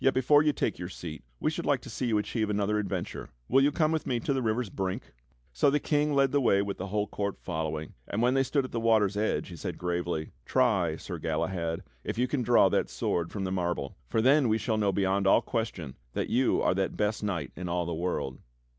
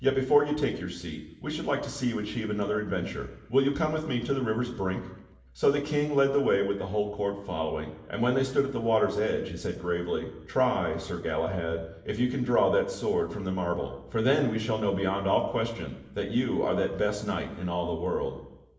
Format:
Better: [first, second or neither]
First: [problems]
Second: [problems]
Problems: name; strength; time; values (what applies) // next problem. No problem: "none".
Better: first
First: none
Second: room echo; dies away in 0.9 s